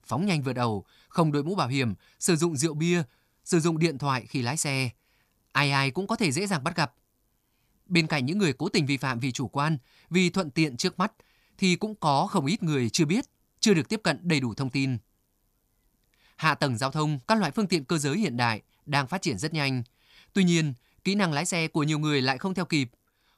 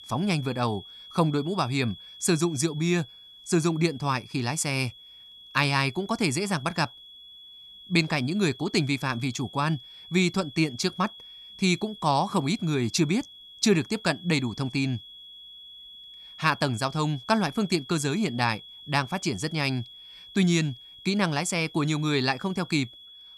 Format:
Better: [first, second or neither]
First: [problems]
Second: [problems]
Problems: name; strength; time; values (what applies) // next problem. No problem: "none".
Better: first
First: none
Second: high-pitched whine; noticeable; throughout; 3.5 kHz, 20 dB below the speech